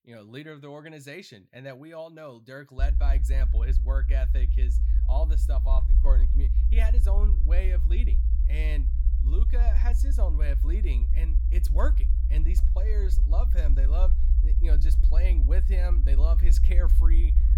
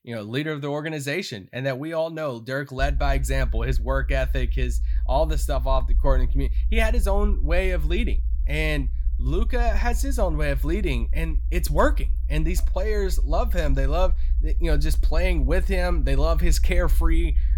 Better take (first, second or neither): second